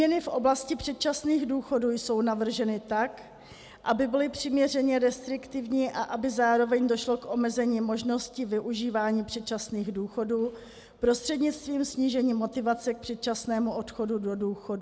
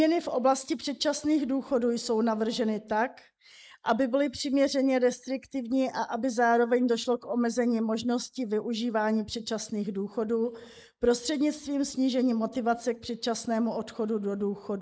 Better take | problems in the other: first | noise reduction (neural mask model Resemble Enhance denoiser)

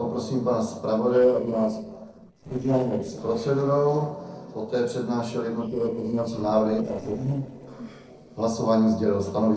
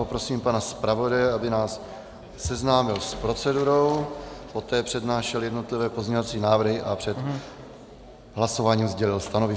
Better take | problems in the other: second | noise reduction (neural separator model SepFormer DNS4)

